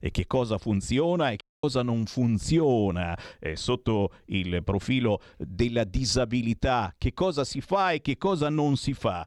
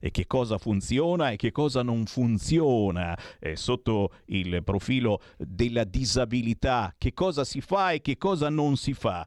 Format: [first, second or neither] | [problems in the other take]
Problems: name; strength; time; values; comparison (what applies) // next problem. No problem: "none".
second | audio cutting out; at 1.5 s